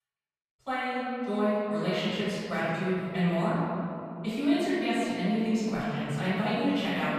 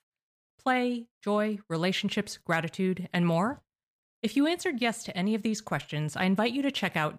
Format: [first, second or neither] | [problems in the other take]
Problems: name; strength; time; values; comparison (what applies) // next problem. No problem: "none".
second | off-mic speech; far // room echo; strong; dies away in 2.5 s